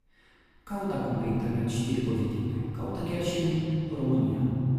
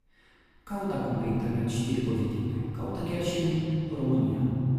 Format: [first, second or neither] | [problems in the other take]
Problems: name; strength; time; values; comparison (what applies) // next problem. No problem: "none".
neither | room echo; strong; dies away in 3 s; the same in both // off-mic speech; far; the same in both